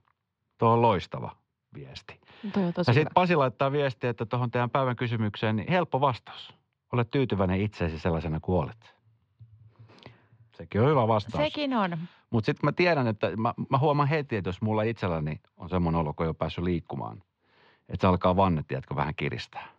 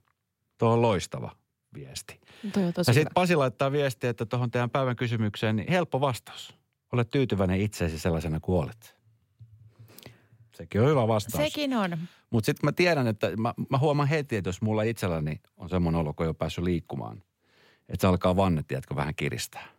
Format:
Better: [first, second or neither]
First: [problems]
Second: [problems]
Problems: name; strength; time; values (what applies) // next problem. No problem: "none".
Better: second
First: muffled; very slightly; fading above 4.5 kHz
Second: none